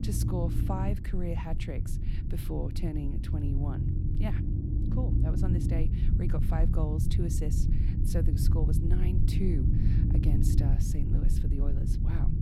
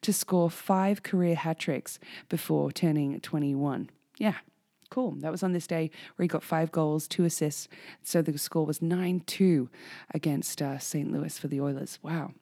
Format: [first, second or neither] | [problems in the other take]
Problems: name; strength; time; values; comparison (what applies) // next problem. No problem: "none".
second | low rumble; loud; throughout; 1 dB below the speech